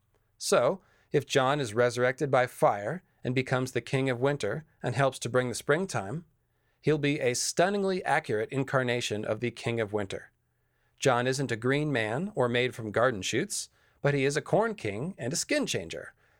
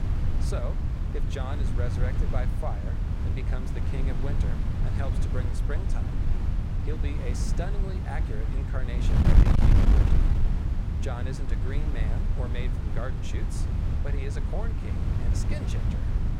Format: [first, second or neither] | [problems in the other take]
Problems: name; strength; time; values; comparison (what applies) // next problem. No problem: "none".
first | wind noise on the microphone; heavy; 1 dB above the speech